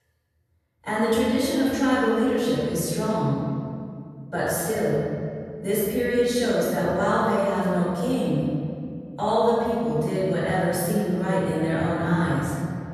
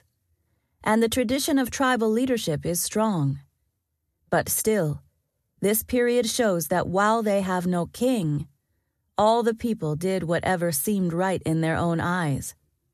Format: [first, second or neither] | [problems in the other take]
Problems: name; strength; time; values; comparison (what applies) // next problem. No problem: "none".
second | off-mic speech; far // room echo; strong; dies away in 2.2 s